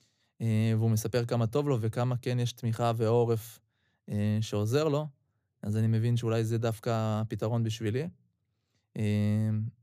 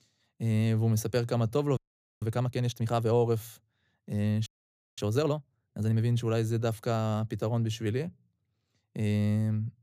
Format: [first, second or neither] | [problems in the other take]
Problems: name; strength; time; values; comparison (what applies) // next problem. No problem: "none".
first | audio freezing; at 2 s and at 4.5 s for 0.5 s